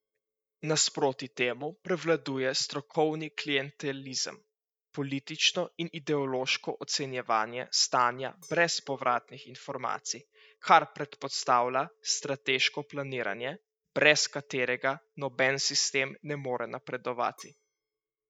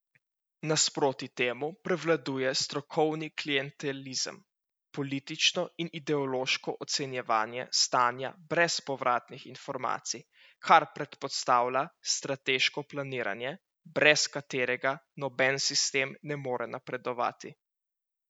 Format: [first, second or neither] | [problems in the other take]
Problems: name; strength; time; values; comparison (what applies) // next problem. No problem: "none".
second | noise reduction (neural mask model DeepFilterNet 3)